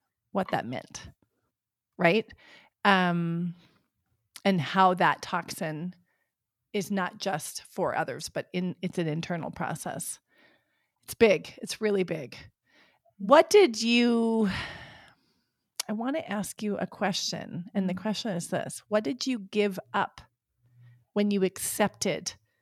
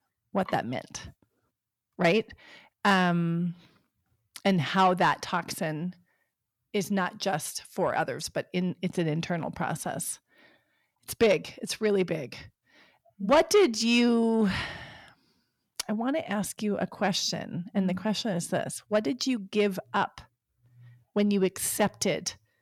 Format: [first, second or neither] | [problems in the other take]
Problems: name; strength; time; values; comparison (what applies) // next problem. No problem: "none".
first | distortion; slight; 10 dB below the speech